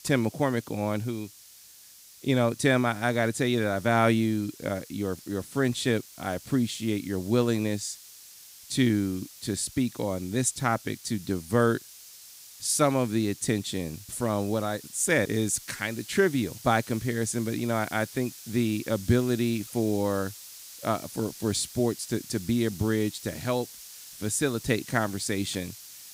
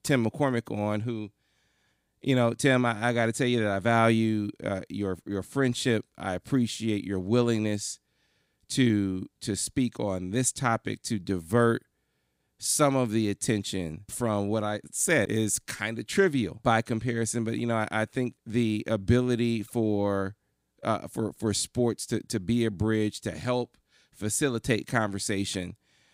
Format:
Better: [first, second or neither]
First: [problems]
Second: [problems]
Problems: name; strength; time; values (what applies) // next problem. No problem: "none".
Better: second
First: hiss; noticeable; throughout; 15 dB below the speech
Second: none